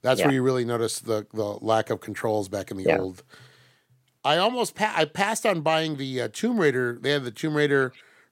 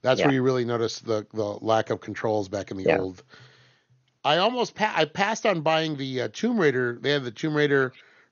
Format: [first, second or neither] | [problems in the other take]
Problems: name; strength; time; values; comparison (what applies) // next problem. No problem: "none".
first | garbled, watery; slightly; nothing above 6.5 kHz